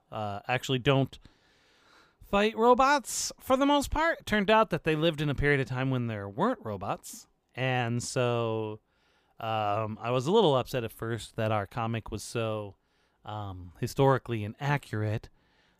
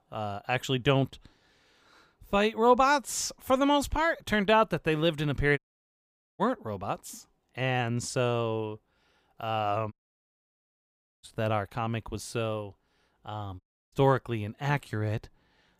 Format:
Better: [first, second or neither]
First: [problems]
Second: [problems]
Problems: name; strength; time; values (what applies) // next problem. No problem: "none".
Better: first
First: none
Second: audio cutting out; at 5.5 s for 1 s, at 10 s for 1.5 s and at 14 s